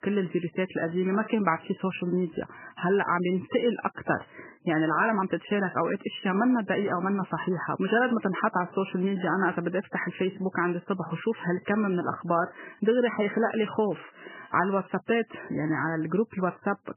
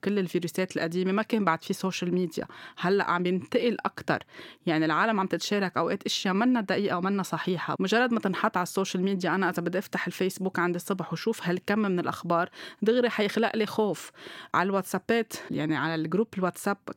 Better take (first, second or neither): second